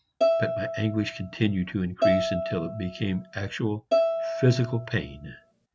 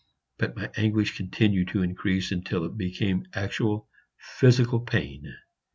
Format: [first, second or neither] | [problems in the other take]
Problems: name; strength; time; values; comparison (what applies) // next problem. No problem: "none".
second | background sound (Bowed string instrument); as loud as the speech